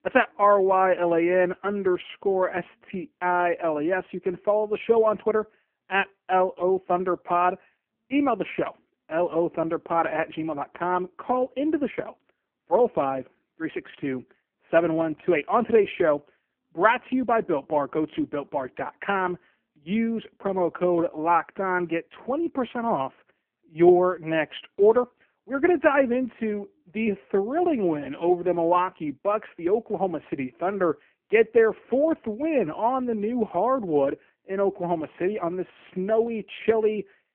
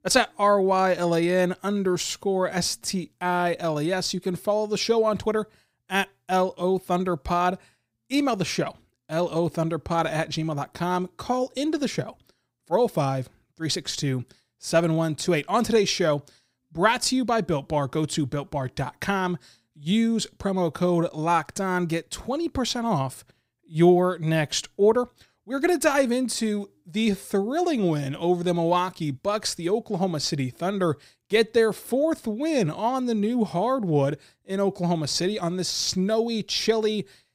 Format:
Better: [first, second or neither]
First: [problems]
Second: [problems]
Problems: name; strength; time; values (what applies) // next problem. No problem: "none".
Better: second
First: phone-call audio; poor line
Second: none